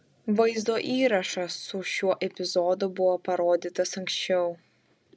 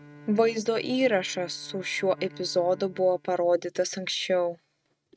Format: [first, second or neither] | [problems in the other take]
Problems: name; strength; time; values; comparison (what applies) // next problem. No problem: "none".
first | noise reduction (neural mask model RNNoise)